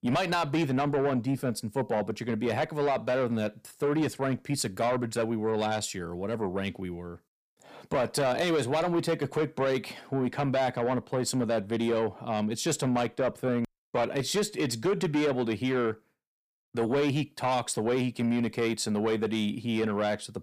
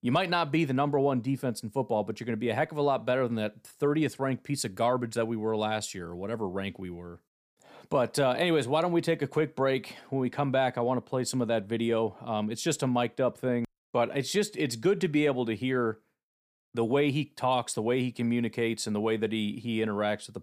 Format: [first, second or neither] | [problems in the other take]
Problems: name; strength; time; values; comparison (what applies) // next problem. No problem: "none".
second | distortion; slight; 10 dB below the speech